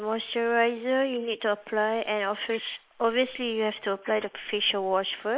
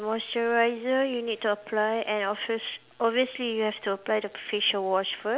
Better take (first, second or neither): second